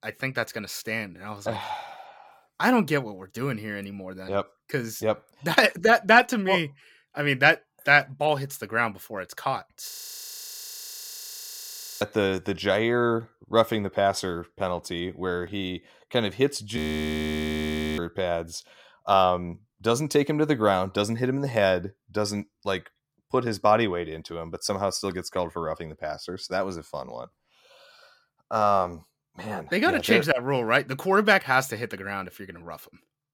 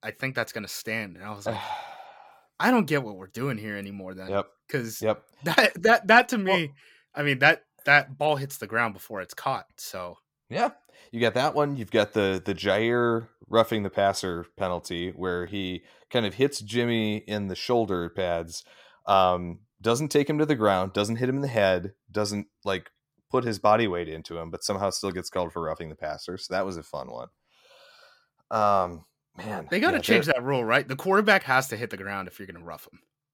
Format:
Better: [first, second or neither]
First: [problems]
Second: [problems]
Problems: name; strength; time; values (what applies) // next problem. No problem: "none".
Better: second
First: audio freezing; at 10 s for 2 s and at 17 s for 1 s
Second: none